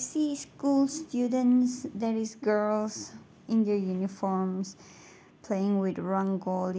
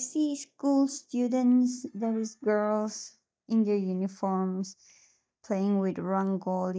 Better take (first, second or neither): first